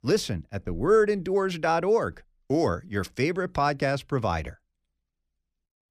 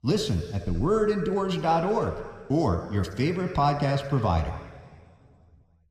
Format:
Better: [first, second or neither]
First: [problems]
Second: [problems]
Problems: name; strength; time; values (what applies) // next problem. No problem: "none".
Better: first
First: none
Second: room echo; slight; dies away in 2 s